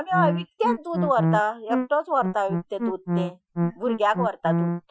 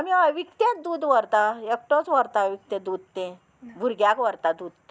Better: second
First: noise reduction (classical method Wiener filter)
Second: none

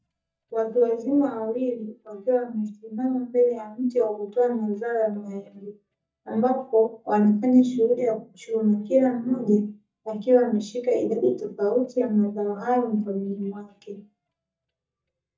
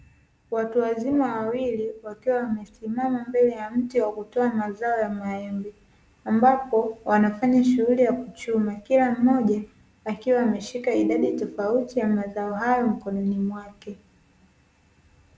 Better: second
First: noise reduction (neural mask model DeepFilterNet 3)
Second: none

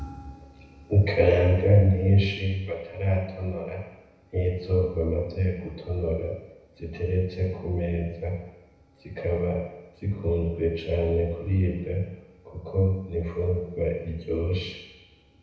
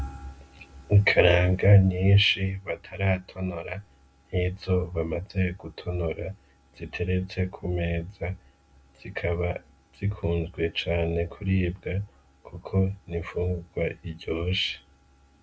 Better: second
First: room echo; dies away in 1 s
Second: none

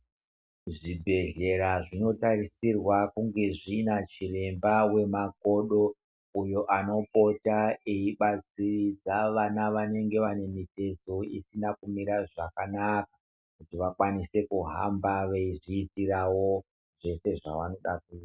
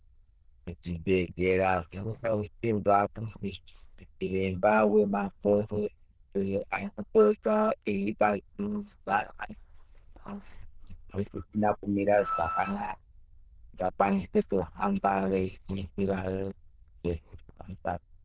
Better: first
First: none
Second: noise reduction (neural diffusion model UNIVERSE++)

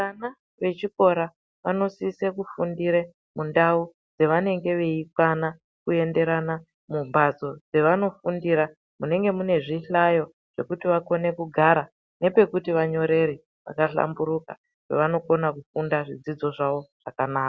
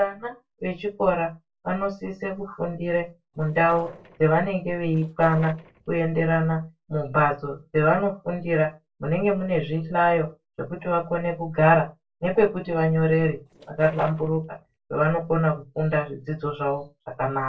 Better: first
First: none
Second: noise reduction (neural separator model SepFormer DNS4)

